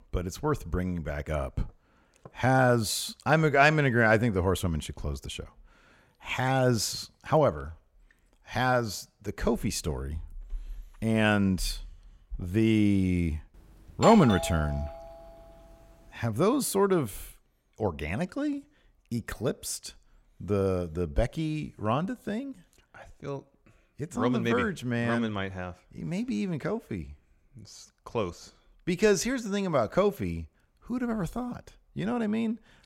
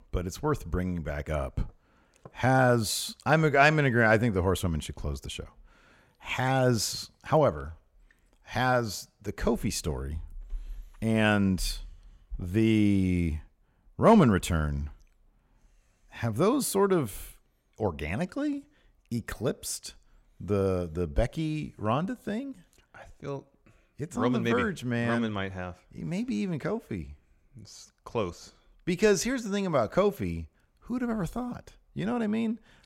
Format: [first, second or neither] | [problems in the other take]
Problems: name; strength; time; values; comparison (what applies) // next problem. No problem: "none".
second | doorbell; noticeable; from 14 to 15 s; peak 3 dB below the speech